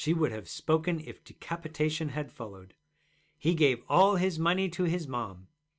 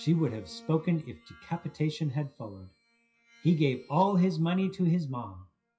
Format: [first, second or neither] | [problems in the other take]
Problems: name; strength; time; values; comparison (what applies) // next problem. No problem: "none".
first | noise reduction (classical method WPE with log-MMSE)